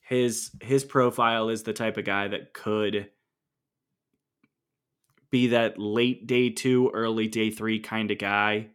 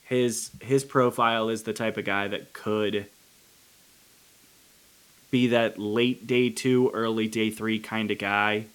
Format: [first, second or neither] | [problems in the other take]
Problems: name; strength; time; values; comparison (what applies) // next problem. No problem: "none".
first | hiss; faint; throughout; 30 dB below the speech